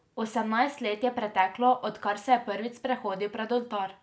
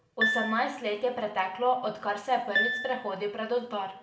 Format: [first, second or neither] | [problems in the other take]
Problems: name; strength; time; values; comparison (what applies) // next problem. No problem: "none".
first | background sound (Piano); 2 dB below the speech // room echo; dies away in 1 s